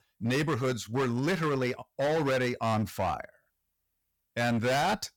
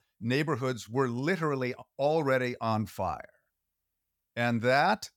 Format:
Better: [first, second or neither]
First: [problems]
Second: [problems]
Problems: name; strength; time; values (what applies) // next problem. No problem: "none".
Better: second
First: distortion; heavy; 18% of the sound clipped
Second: none